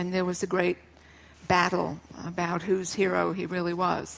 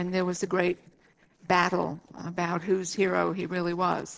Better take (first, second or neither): first